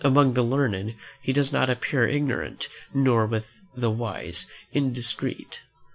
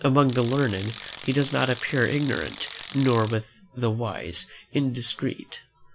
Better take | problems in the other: first | background sound (Tools); 15 dB below the speech

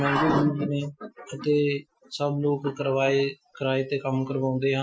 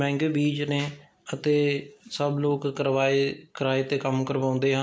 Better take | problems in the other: second | noise reduction (classical method Wiener filter)

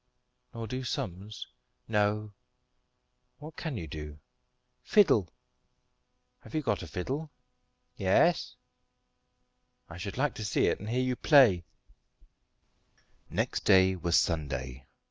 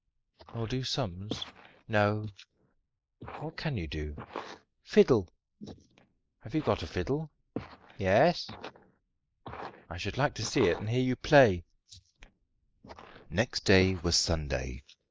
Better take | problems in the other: first | noise reduction (neural mask model Resemble Enhance denoiser)

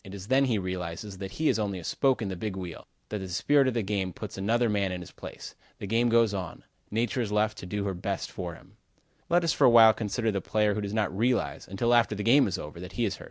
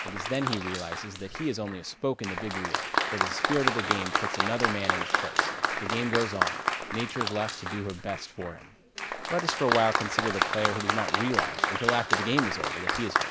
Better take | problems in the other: first | background sound (Applause); 2 dB above the speech

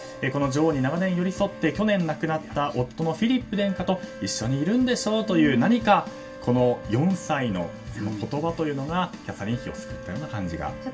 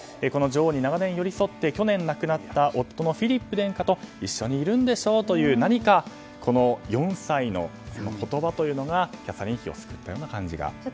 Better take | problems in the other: second | background sound (Wind instrument, woodwind instrument); 18 dB below the speech // room echo; dies away in 0.2 s

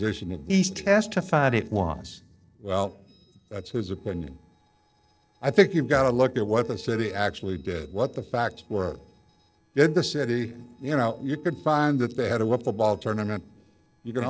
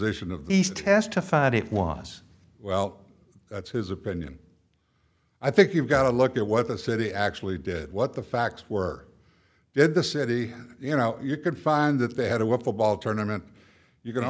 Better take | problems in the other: second | noise reduction (neural separator model SepFormer DNS4)

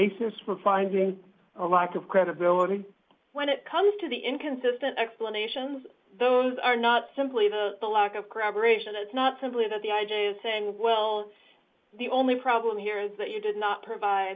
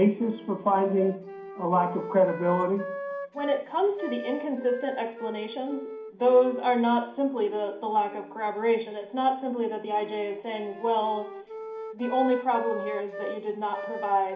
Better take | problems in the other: first | background sound (Wind instrument, woodwind instrument); 13 dB below the speech // room echo; dies away in 0.5 s

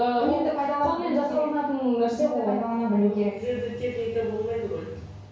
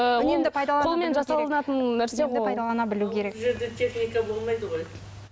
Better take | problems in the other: second | room echo; dies away in 0.6 s

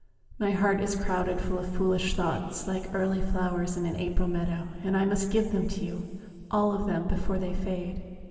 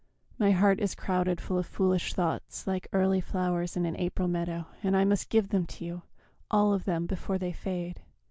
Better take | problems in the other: second | room echo; dies away in 2.9 s

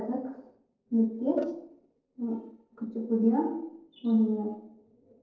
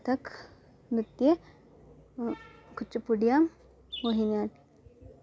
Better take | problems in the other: second | noise reduction (neural separator model SepFormer DNS4)

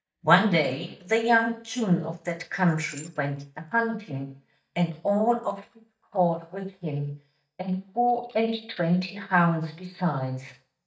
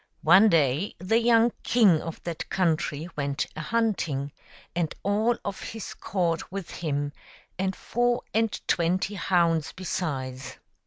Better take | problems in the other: second | noise reduction (neural mask model DeepFilterNet 3)

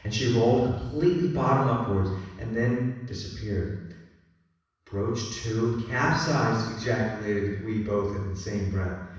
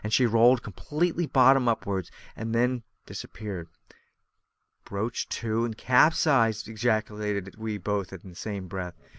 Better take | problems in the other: second | background sound (Bowed string instrument); 19 dB below the speech // room echo; dies away in 1.1 s

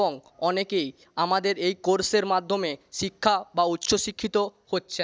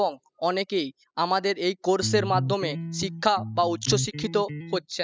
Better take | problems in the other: first | noise reduction (classical method spectral subtraction)

